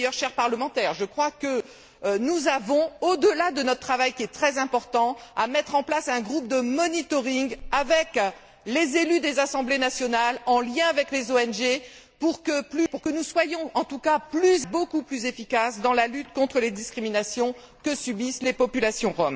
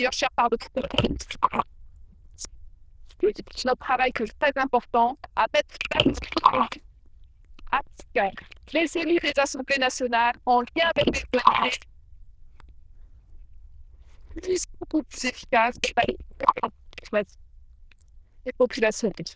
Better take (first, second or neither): first